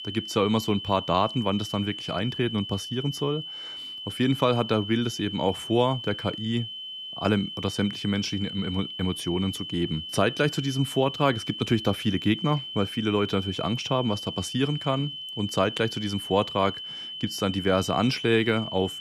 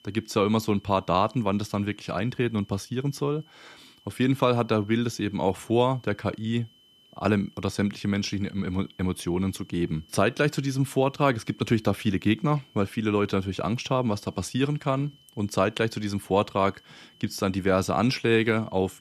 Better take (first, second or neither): second